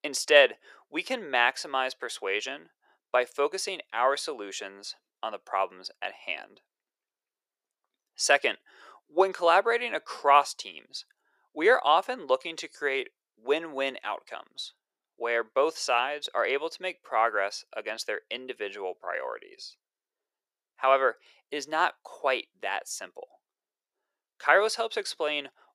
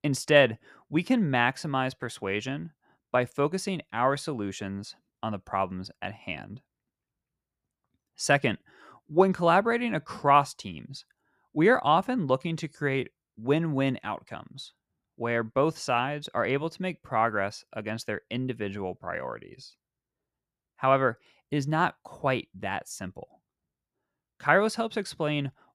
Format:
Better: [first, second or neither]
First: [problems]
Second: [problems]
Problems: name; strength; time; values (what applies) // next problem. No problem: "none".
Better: second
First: thin; very; fading below 450 Hz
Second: none